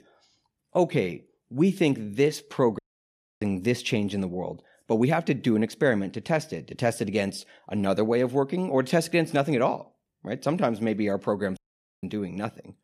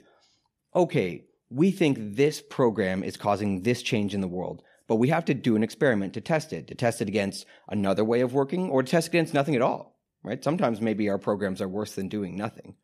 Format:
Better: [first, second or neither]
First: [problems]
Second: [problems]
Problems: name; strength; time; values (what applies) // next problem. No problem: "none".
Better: second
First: audio cutting out; at 3 s for 0.5 s and at 12 s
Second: none